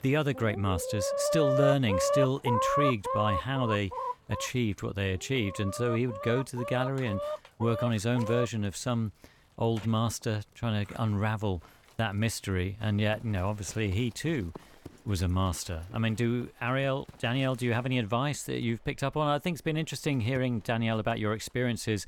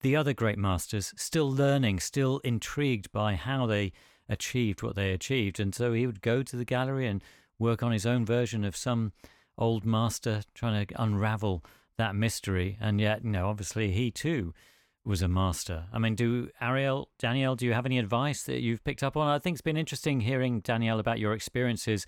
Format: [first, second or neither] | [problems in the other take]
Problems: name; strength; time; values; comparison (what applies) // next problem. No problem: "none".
second | animal sounds; loud; throughout; 2 dB below the speech